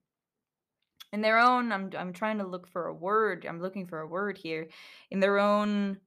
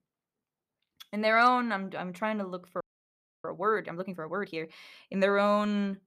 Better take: first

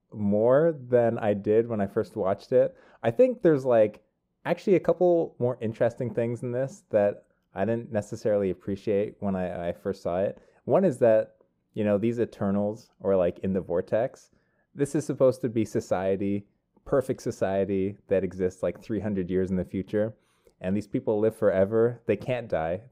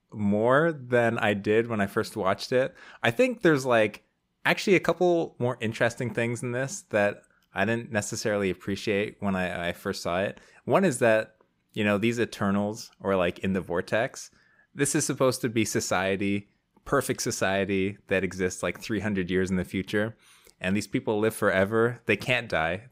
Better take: second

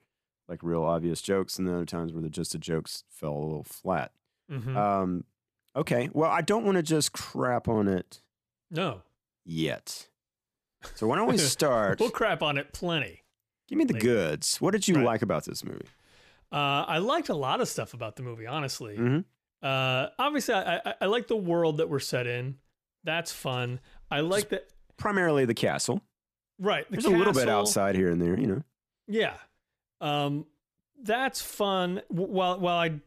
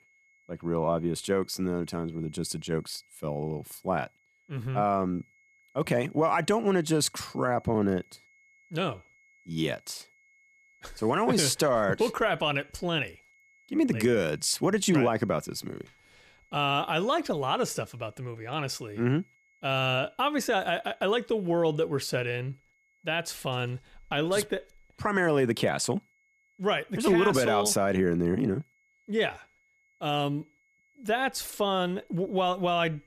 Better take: first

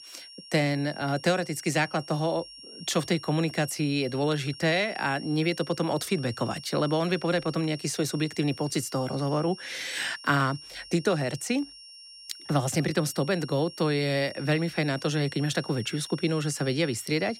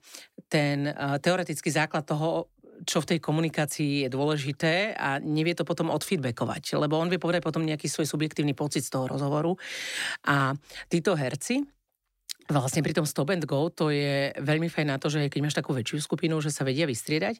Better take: second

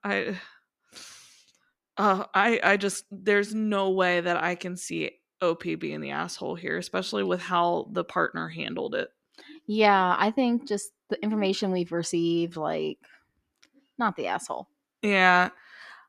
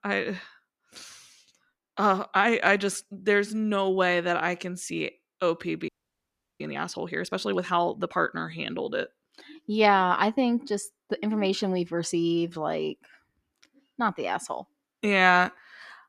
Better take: first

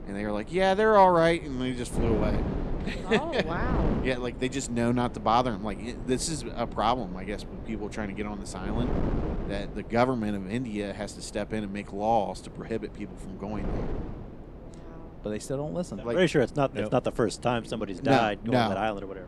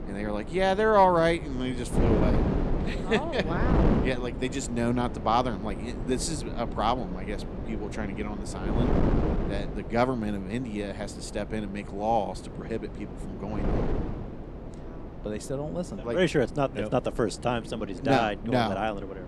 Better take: first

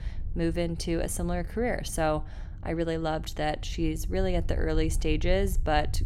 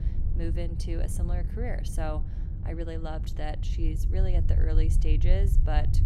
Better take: first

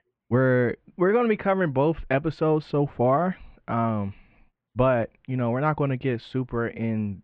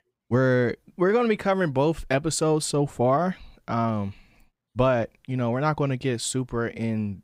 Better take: second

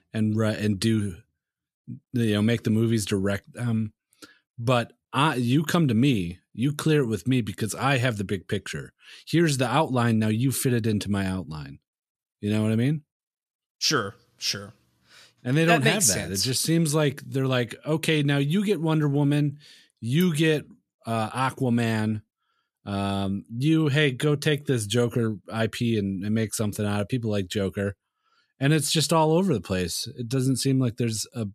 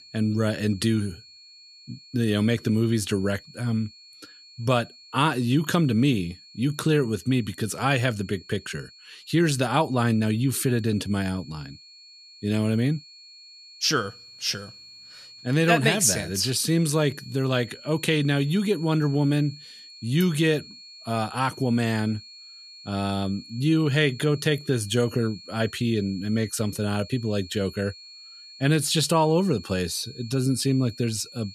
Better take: first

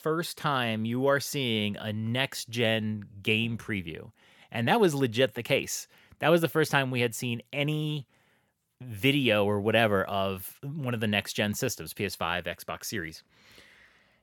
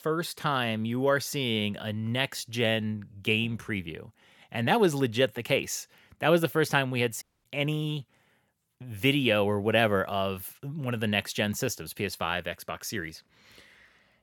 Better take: first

